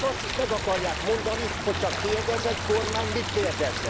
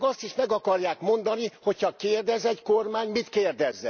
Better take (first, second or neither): second